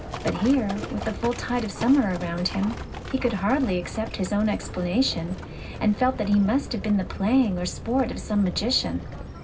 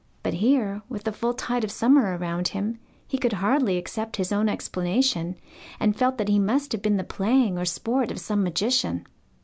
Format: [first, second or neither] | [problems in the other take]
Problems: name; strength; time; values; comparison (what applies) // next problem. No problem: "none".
second | background sound (Livestock, farm animals, working animals); 10 dB below the speech // room echo; dies away in 0.4 s